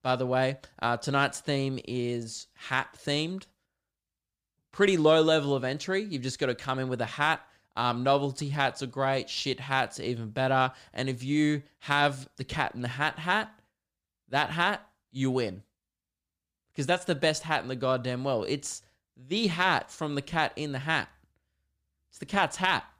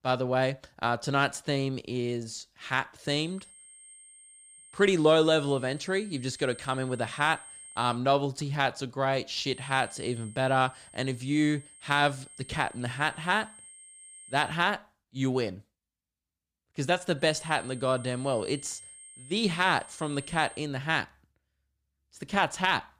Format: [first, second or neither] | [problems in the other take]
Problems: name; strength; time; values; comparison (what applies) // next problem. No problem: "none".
first | high-pitched whine; noticeable; from 3 to 8 s, from 9.5 to 15 s and from 17 to 21 s; 8.5 kHz, 20 dB below the speech